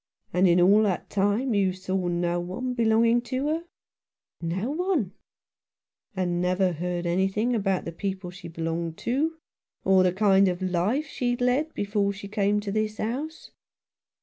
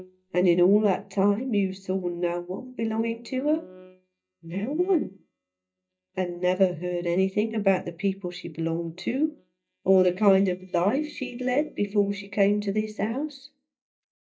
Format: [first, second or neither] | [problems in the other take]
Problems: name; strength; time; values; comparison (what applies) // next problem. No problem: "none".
first | noise reduction (neural mask model DeepFilterNet 3)